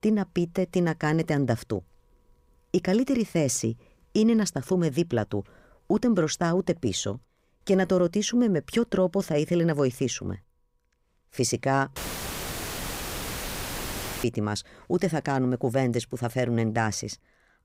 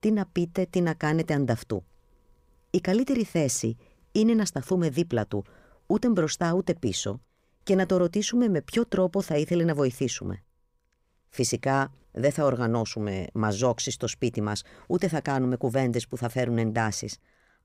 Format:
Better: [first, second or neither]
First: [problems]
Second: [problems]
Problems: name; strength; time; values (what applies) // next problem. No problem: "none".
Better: second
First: audio cutting out; filled with static; at 12 s for 2.5 s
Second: none